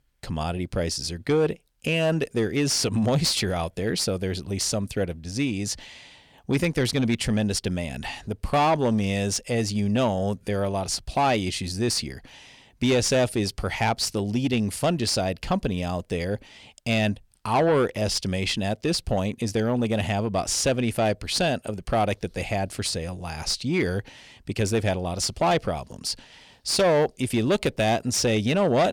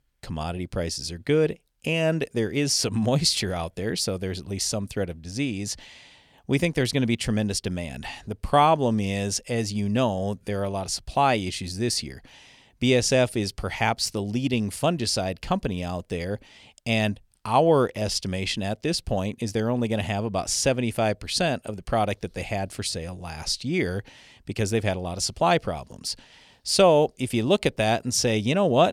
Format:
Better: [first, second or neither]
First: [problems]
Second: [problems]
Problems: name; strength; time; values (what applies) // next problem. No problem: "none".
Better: second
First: distortion; slight; 10 dB below the speech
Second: none